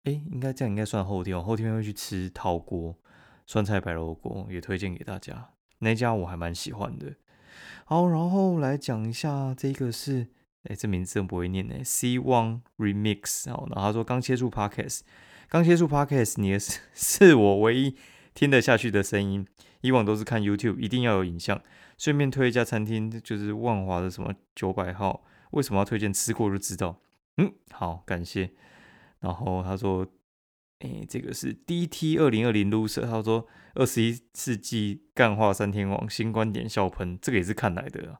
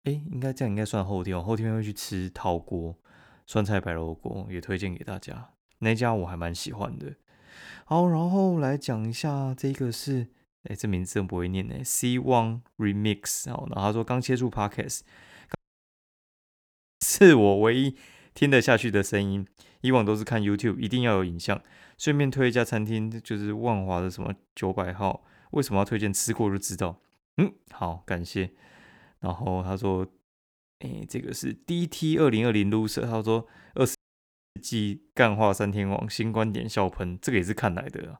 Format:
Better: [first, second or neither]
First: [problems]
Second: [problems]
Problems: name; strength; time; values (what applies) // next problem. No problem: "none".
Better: first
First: none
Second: audio cutting out; at 16 s for 1.5 s and at 34 s for 0.5 s